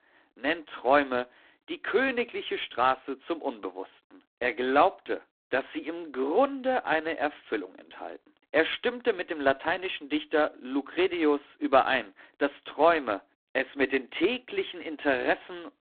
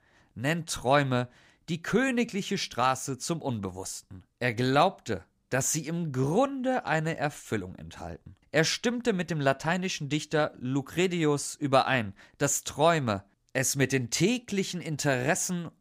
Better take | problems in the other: second | phone-call audio; poor line; nothing above 3.5 kHz

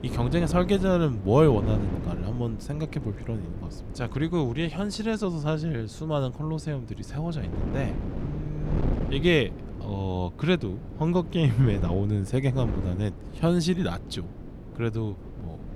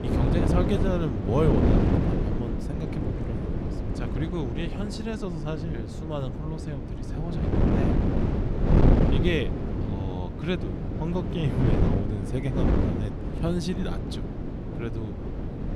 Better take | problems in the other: first | wind noise on the microphone; heavy; 1 dB above the speech; occasional gusts in the first

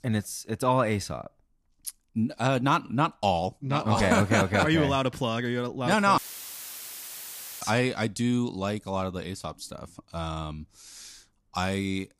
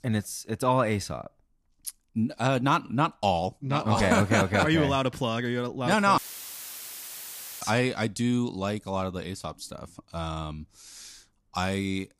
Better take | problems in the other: neither | audio cutting out; filled with static; at 6 s for 1.5 s; the same in both

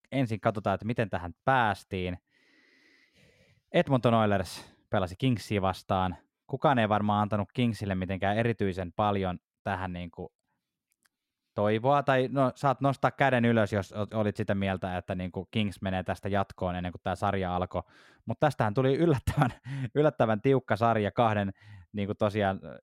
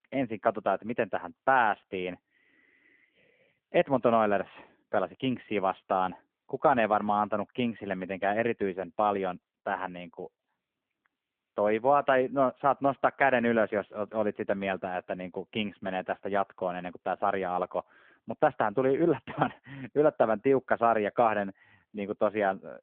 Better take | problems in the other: first | phone-call audio; nothing above 3.5 kHz

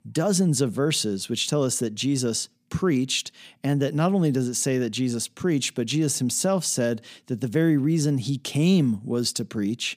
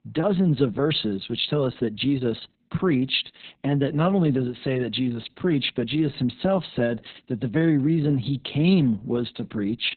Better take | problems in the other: first | garbled, watery; badly; nothing above 4 kHz

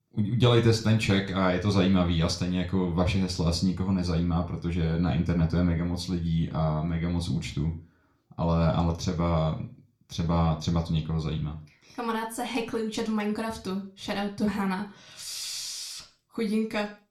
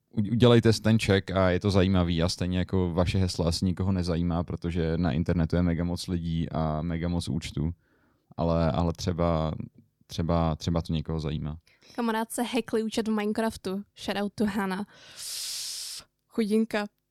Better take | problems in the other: second | room echo; very slight; dies away in 0.4 s // off-mic speech; somewhat distant

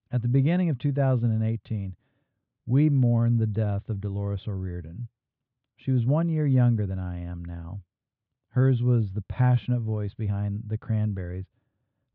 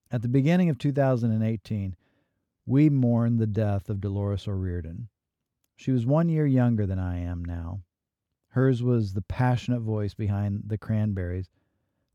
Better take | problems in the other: second | muffled; slightly; fading above 3.5 kHz

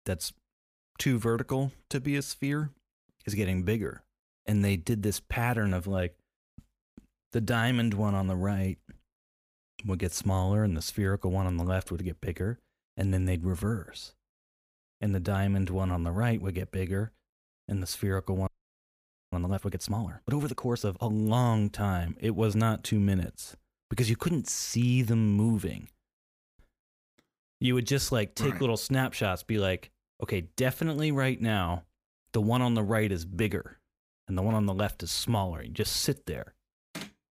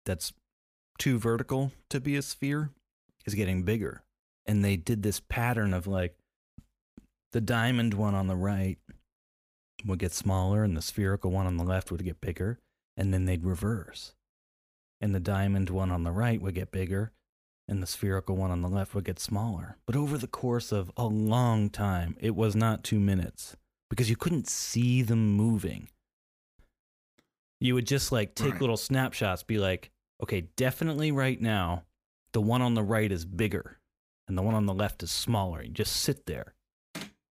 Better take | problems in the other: second | audio freezing; at 18 s for 1 s

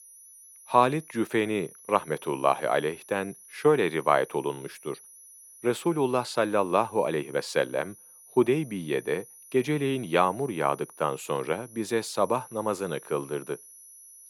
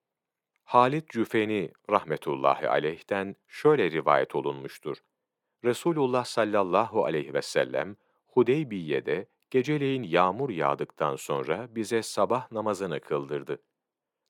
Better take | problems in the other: second | high-pitched whine; faint; throughout; 10.5 kHz, 20 dB below the speech

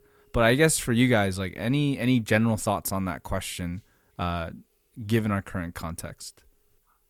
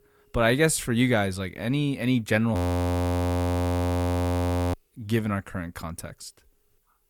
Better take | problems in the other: first | audio freezing; at 2.5 s for 2 s

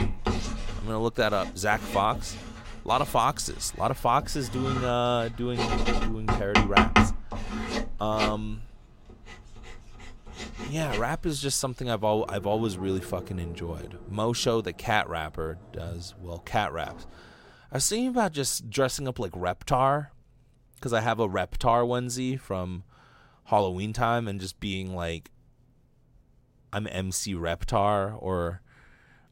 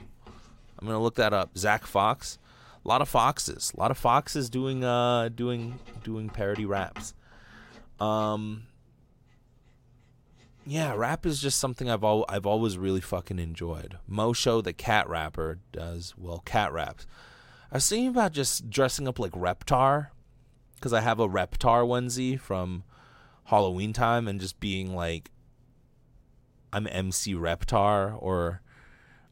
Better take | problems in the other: second | household noises; loud; until 17 s; 1 dB below the speech; faint in the second

